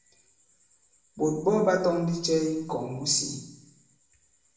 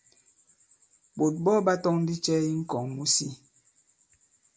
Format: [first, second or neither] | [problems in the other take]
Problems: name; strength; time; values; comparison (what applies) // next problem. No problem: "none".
second | room echo; dies away in 0.8 s